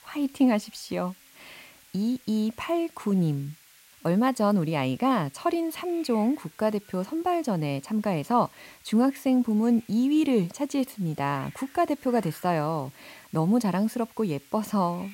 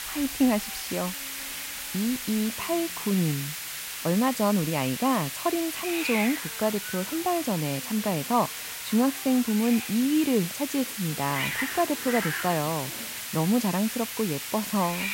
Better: first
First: hiss; faint; throughout; 25 dB below the speech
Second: hiss; loud; throughout; 5 dB below the speech

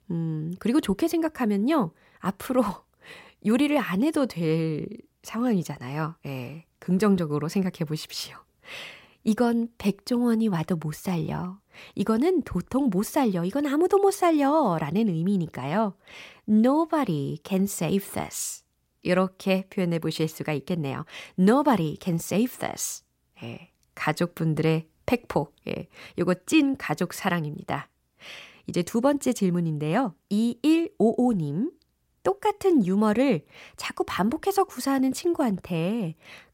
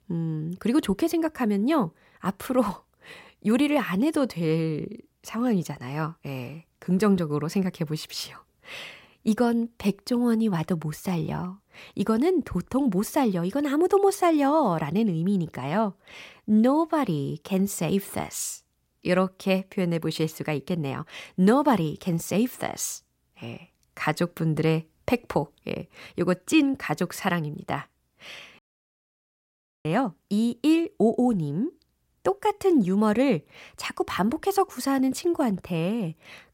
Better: first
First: none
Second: audio cutting out; at 29 s for 1.5 s

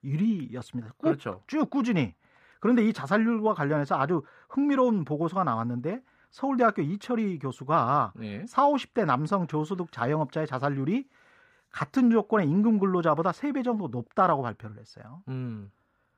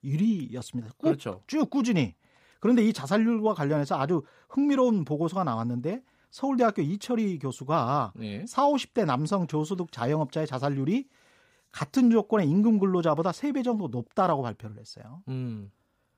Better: second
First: muffled; slightly; fading above 3.5 kHz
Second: none

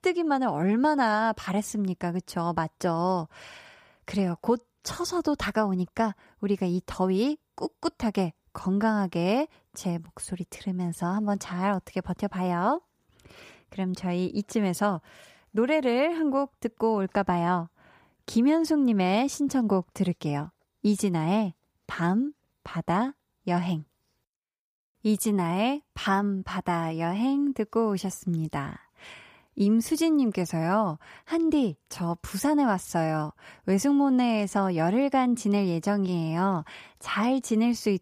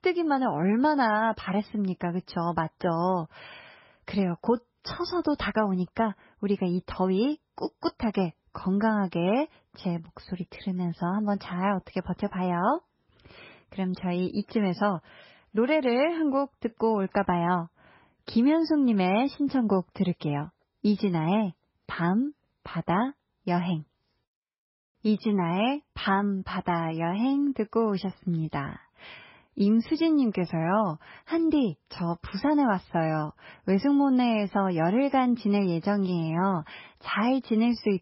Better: first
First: none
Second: garbled, watery; badly; nothing above 5.5 kHz

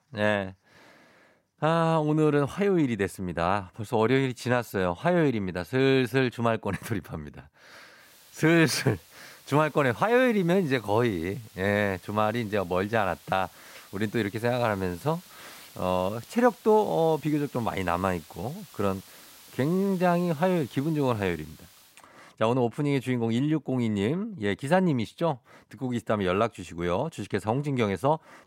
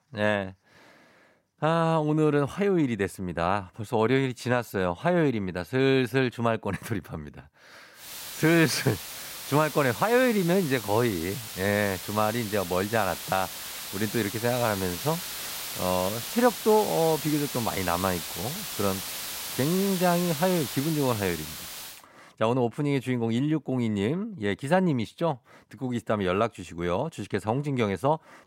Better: first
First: hiss; faint; from 8 to 22 s; 25 dB below the speech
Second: hiss; loud; from 8 to 22 s; 7 dB below the speech

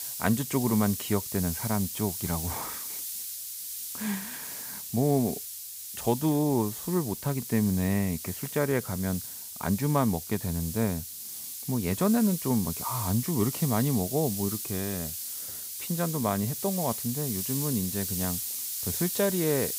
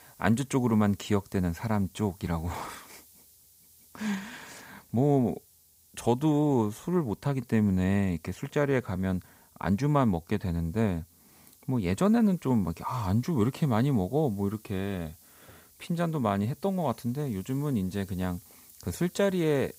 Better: second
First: hiss; loud; throughout; 4 dB below the speech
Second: hiss; faint; throughout; 25 dB below the speech

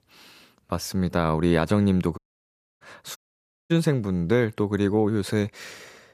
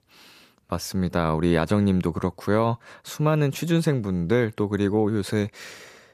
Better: second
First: audio cutting out; at 2 s for 0.5 s and at 3 s for 0.5 s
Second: none

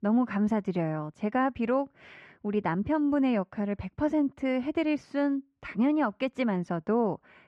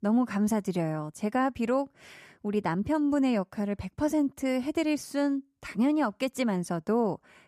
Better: second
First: muffled; slightly; fading above 2.5 kHz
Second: none

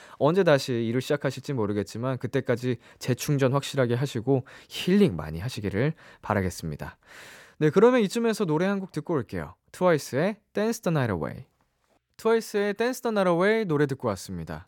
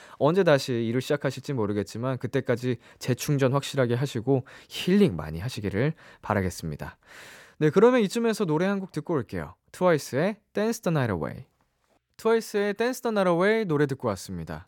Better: neither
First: none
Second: none

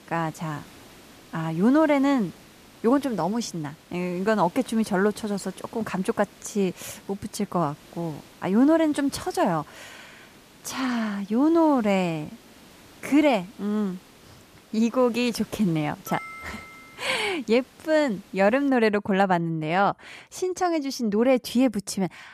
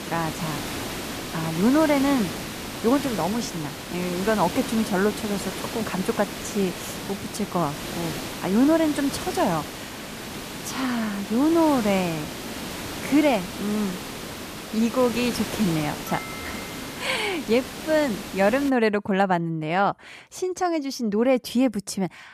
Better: first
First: hiss; faint; until 19 s; 25 dB below the speech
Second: hiss; loud; until 19 s; 8 dB below the speech

